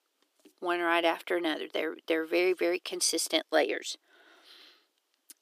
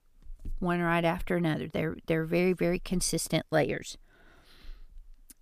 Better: second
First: thin; very; fading below 300 Hz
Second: none

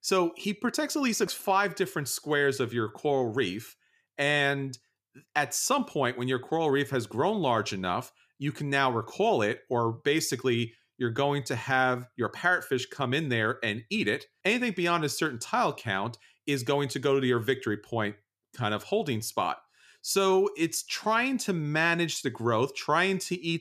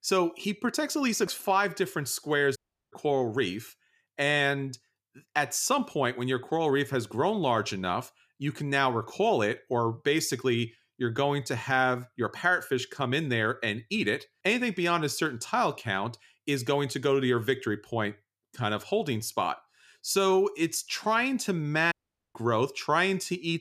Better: first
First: none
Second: audio cutting out; at 2.5 s and at 22 s

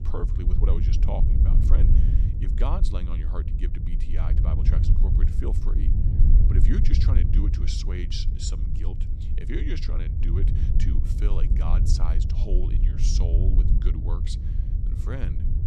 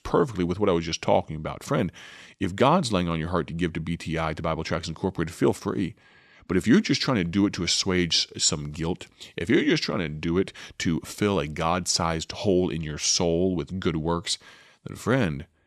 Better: second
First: low rumble; loud; throughout; 2 dB below the speech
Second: none

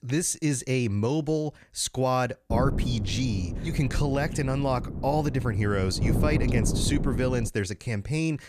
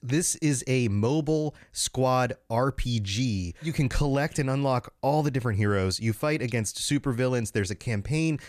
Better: second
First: wind noise on the microphone; heavy; from 2.5 to 7.5 s; 9 dB below the speech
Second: none

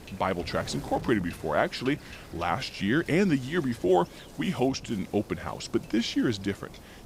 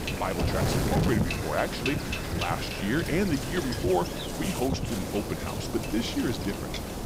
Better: first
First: wind noise on the microphone; occasional gusts; 20 dB below the speech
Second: wind noise on the microphone; heavy; 1 dB below the speech

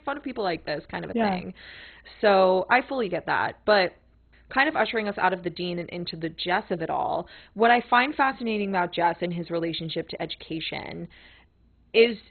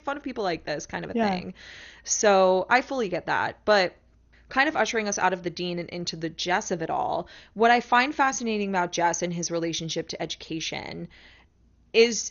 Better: second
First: garbled, watery; badly; nothing above 4 kHz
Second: garbled, watery; slightly; nothing above 6.5 kHz

